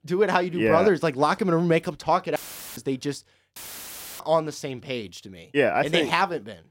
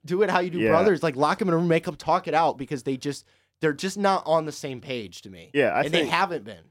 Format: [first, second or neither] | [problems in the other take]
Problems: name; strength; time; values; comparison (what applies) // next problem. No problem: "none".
second | audio cutting out; filled with static; at 2.5 s and at 3.5 s for 0.5 s